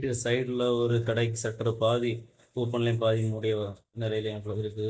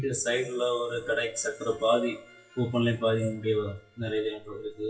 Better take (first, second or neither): first